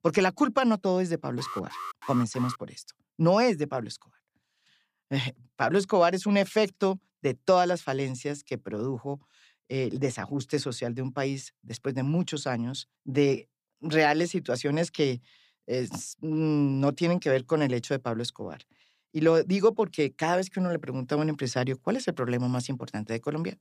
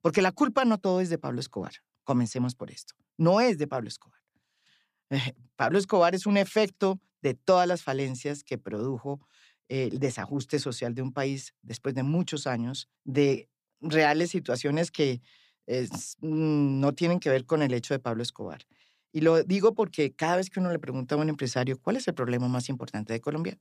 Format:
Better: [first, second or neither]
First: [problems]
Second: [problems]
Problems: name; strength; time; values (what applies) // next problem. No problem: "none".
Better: second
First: alarm; noticeable; from 1.5 to 2.5 s; peak 10 dB below the speech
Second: none